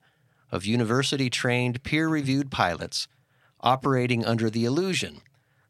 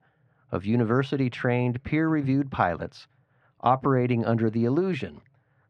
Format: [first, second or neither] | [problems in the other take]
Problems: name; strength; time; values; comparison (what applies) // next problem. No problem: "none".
first | muffled; very; fading above 3.5 kHz